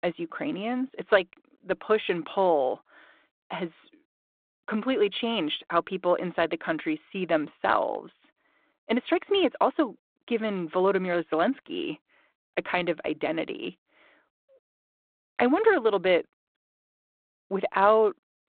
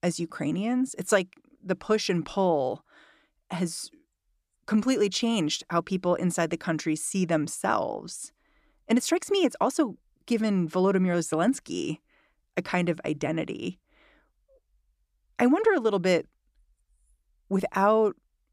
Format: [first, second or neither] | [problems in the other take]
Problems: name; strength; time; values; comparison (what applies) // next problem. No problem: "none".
second | phone-call audio